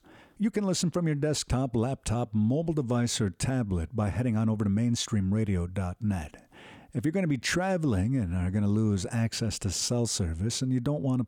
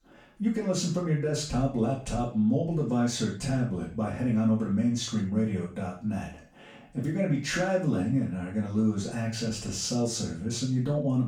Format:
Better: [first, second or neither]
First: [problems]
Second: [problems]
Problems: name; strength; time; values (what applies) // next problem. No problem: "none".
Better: first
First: none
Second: room echo; noticeable; dies away in 0.3 s // off-mic speech; far